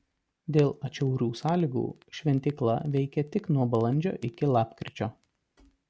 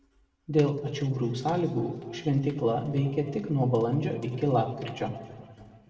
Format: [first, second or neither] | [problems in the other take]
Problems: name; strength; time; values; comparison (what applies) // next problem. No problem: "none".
first | room echo; dies away in 1.8 s